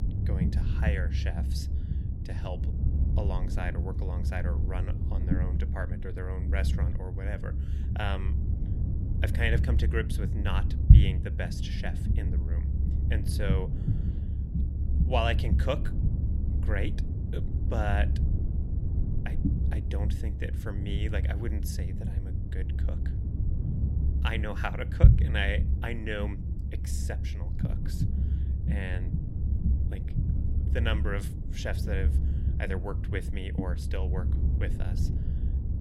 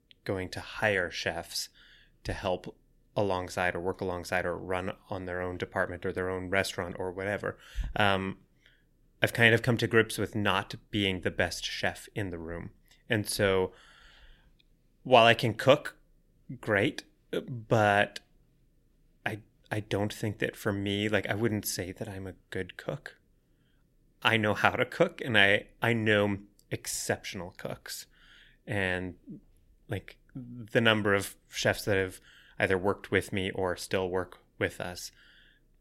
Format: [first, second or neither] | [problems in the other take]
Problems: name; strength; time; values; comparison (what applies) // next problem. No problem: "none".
second | low rumble; loud; throughout; 6 dB below the speech